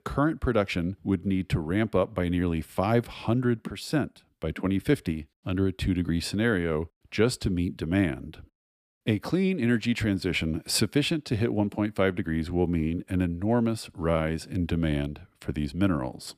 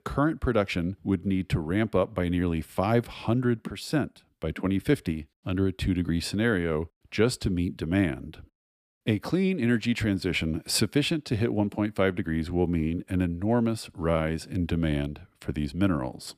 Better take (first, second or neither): neither